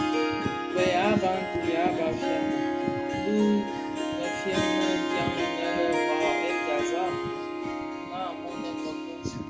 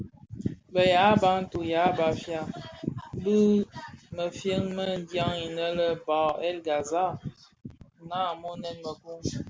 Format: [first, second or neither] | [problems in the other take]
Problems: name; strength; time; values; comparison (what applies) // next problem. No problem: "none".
second | background sound (Harp); 2 dB above the speech // room echo; dies away in 1 s